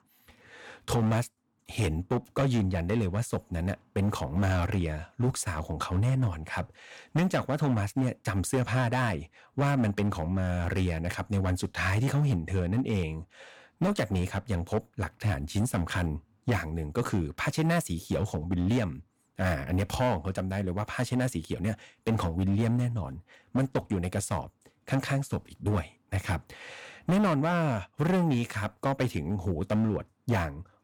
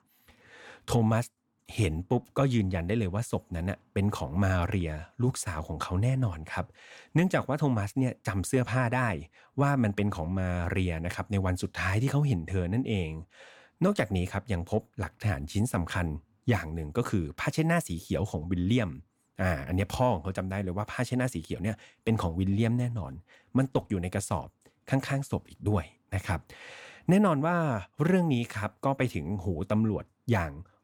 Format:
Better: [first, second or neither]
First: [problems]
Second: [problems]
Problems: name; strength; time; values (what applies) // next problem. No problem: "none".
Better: second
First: distortion; slight; 7% of the sound clipped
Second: none